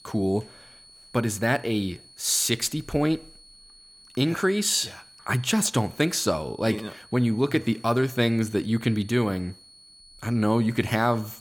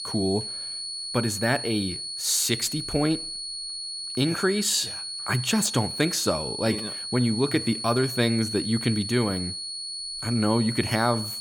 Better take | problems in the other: first | high-pitched whine; loud; throughout; 4.5 kHz, 5 dB below the speech; faint in the first

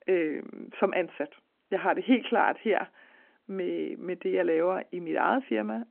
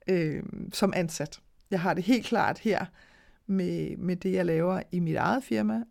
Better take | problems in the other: second | phone-call audio

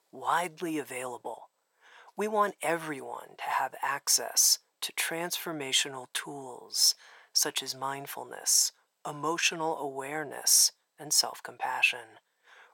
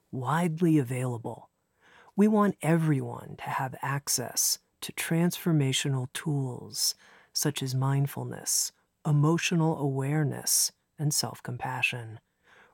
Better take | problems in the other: second | thin; very; fading below 650 Hz

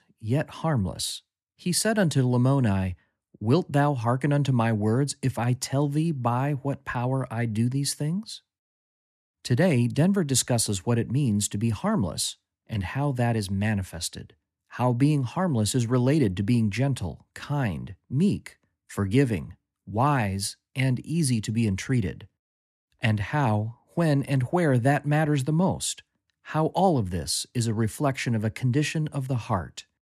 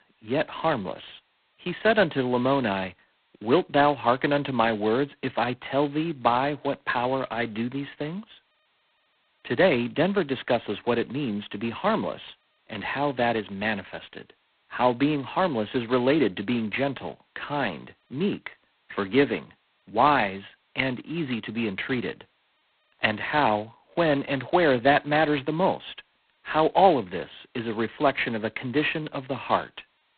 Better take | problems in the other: first | phone-call audio; poor line; nothing above 4 kHz

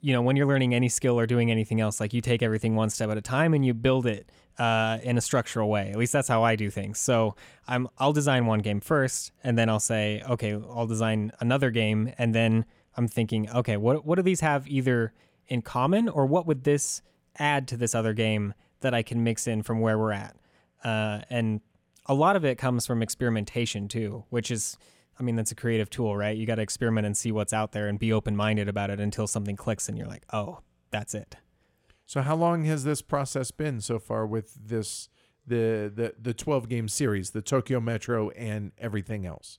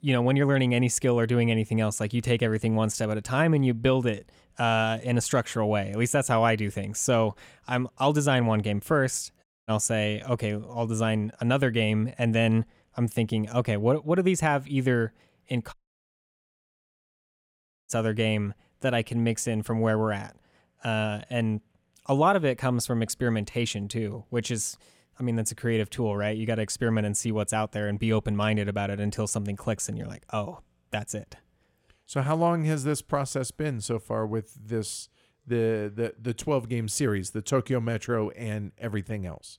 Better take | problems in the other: first | audio cutting out; at 9.5 s and at 16 s for 2 s

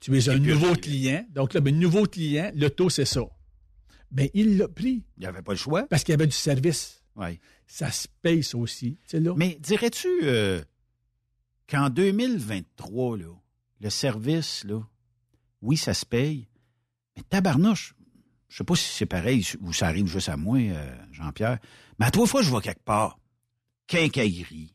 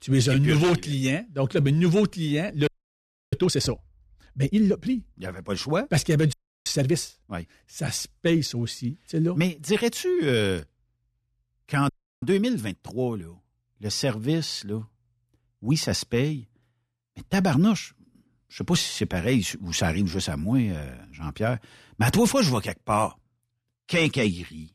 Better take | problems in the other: first | audio freezing; at 2.5 s for 0.5 s, at 6.5 s and at 12 s

